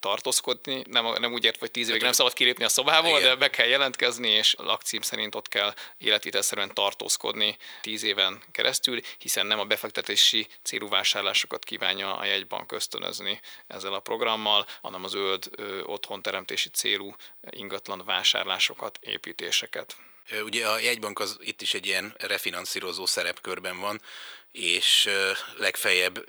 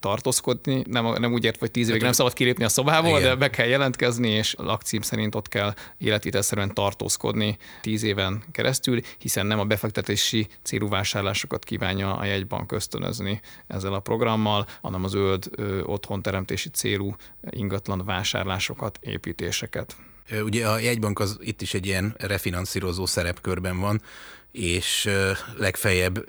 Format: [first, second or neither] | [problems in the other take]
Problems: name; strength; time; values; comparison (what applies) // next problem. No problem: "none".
second | thin; very; fading below 450 Hz